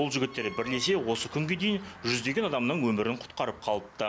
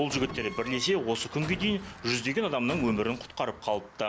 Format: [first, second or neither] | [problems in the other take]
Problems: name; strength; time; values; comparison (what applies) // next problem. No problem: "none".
first | background sound (Boom); 14 dB below the speech